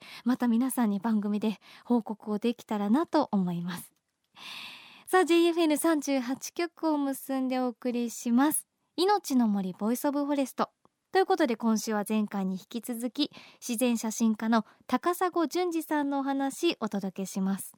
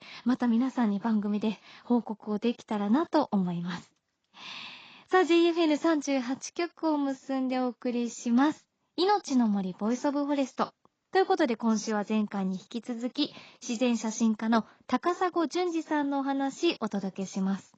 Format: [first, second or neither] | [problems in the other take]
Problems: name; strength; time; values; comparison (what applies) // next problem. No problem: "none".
first | garbled, watery; badly; nothing above 7.5 kHz